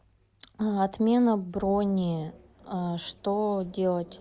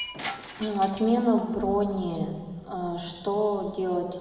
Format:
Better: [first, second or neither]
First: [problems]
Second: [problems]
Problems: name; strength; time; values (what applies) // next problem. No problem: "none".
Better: first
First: none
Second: background sound (Shatter); 16 dB below the speech // room echo; dies away in 1.7 s